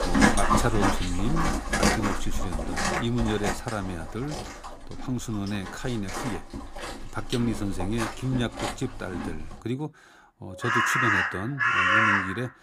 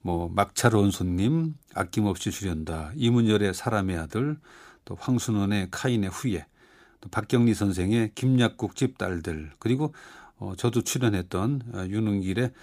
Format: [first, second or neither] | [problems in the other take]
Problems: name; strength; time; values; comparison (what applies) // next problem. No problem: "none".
second | animal sounds; very loud; throughout; 5 dB above the speech